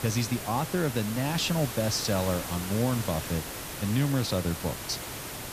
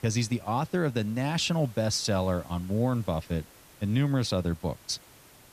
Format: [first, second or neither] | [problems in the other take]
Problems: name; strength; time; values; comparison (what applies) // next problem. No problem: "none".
second | hiss; loud; throughout; 6 dB below the speech; faint in the second